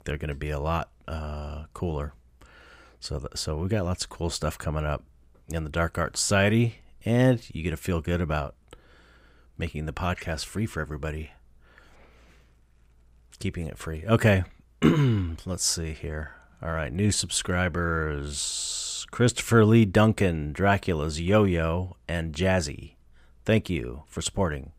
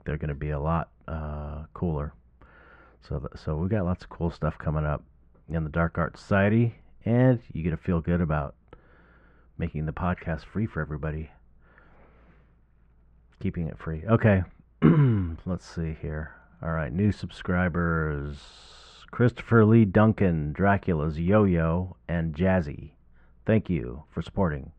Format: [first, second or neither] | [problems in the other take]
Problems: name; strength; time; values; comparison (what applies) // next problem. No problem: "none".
first | muffled; very; fading above 1.5 kHz